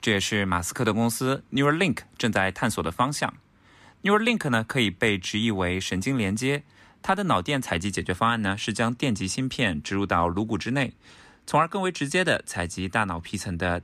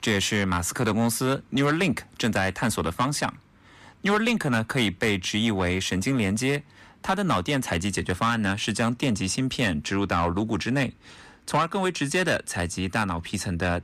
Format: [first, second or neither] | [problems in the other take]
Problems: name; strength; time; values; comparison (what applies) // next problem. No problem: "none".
first | distortion; slight; 10 dB below the speech